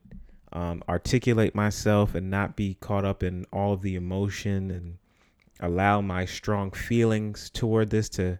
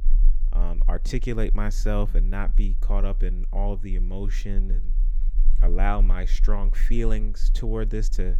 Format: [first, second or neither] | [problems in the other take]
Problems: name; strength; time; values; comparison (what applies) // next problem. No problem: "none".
first | low rumble; faint; throughout; 20 dB below the speech